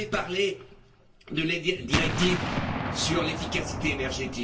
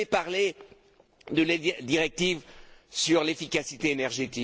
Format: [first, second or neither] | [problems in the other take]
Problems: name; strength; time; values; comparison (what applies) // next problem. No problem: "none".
second | background sound (Explosion); 3 dB below the speech // room echo; dies away in 0.3 s